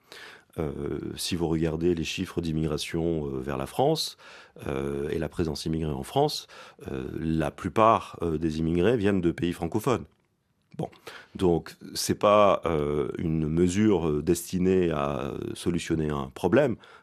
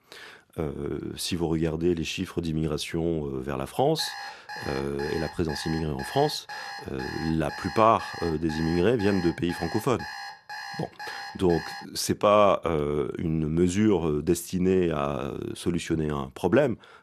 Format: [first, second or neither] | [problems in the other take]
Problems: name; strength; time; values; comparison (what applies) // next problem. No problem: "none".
first | alarm; faint; from 4 to 12 s; peak 10 dB below the speech